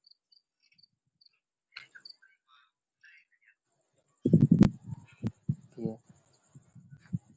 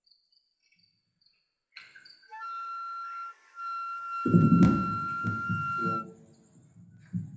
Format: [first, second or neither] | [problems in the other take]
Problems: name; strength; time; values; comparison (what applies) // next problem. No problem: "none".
first | background sound (Wind instrument, woodwind instrument); 6 dB below the speech // room echo; dies away in 0.8 s